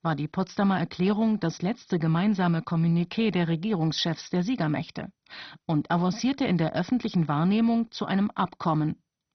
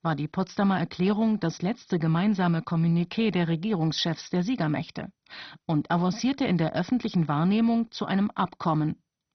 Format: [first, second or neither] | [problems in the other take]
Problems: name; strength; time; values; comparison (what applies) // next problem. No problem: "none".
neither | garbled, watery; badly; nothing above 6 kHz; the same in both